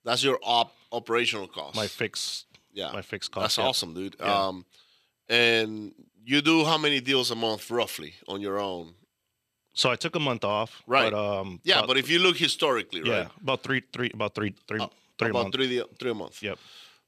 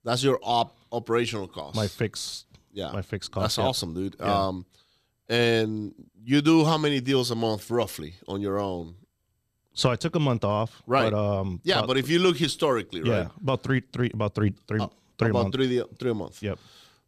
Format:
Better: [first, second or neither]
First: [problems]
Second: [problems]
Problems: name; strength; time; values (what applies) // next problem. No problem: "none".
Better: second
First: thin; very slightly; fading below 400 Hz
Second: none